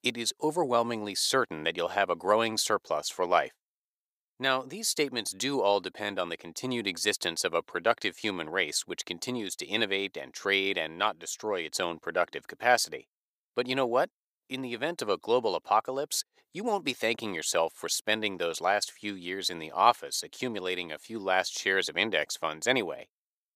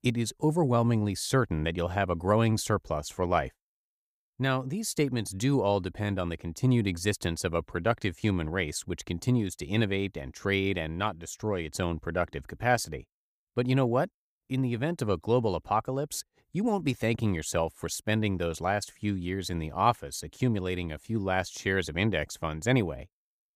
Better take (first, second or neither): second